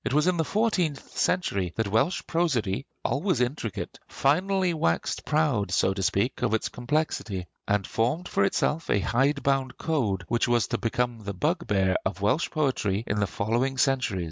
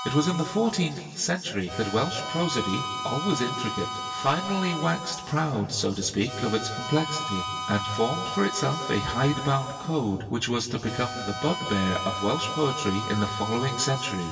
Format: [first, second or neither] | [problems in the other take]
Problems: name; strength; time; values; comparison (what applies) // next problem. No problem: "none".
first | background sound (Harmonica); 7 dB below the speech // room echo; dies away in 1.9 s